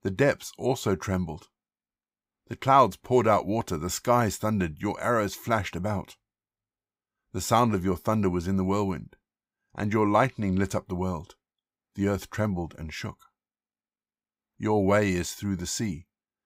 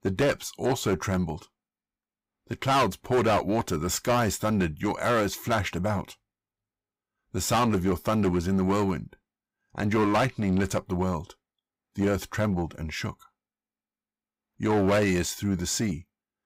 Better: first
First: none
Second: distortion; heavy; 10% of the sound clipped

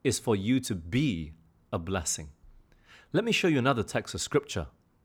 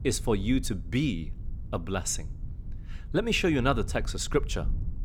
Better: first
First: none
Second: low rumble; faint; throughout; 25 dB below the speech

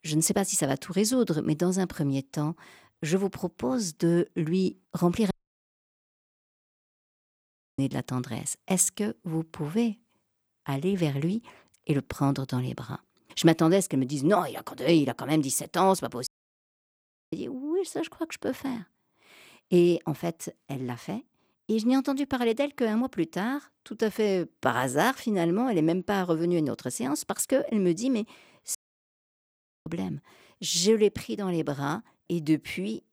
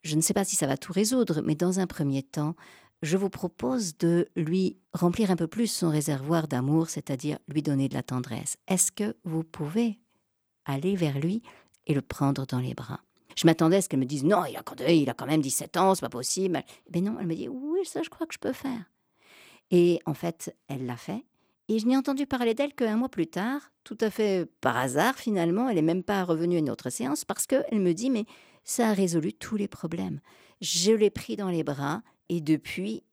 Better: second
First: audio cutting out; at 5.5 s for 2.5 s, at 16 s for 1 s and at 29 s for 1 s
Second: none

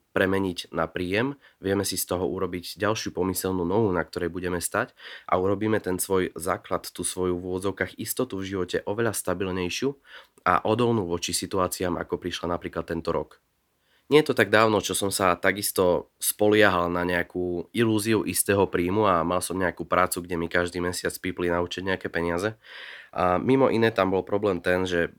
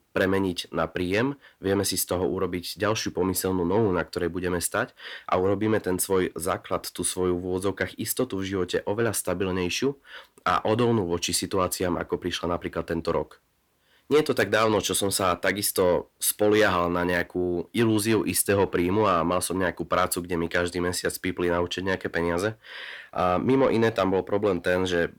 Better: first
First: none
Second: distortion; slight; 10 dB below the speech

